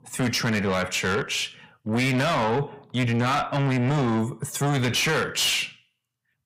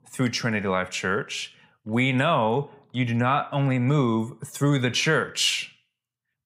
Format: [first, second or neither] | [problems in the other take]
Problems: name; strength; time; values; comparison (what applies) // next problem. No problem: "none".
second | distortion; heavy; 7 dB below the speech